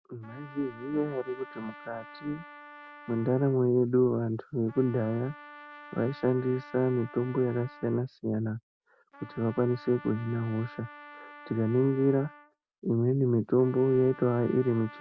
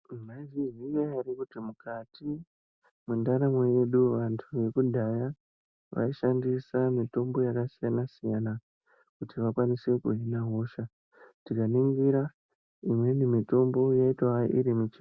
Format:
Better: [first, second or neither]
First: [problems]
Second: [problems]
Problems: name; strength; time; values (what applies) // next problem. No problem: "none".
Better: second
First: background sound (Trumpet); 20 dB below the speech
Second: none